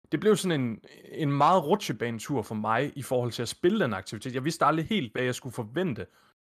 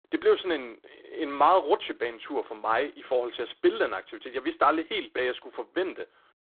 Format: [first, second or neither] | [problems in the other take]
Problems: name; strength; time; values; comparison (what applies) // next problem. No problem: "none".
first | phone-call audio; poor line; nothing above 3.5 kHz